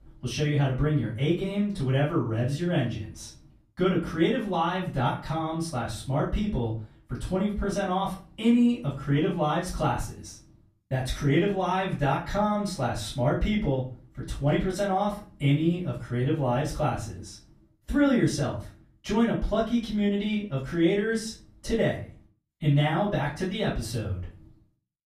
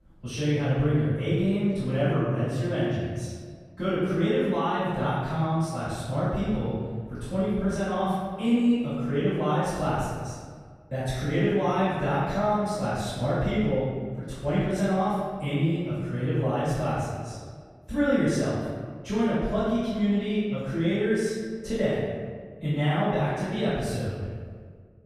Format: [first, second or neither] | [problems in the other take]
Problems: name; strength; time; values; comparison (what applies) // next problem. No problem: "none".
first | room echo; strong; dies away in 1.5 s; slight in the first // off-mic speech; far; far in the first